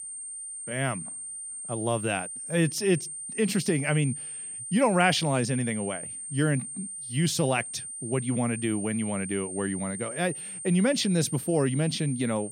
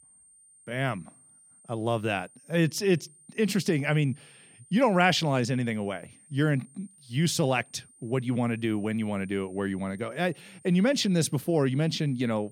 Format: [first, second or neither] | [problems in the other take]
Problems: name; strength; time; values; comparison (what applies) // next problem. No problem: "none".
second | high-pitched whine; loud; throughout; 9 kHz, 8 dB below the speech; faint in the second